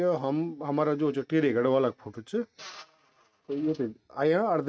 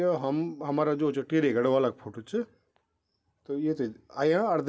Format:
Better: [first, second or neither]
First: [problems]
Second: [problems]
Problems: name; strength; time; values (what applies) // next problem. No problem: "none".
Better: second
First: noise reduction (neural mask model RNNoise)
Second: none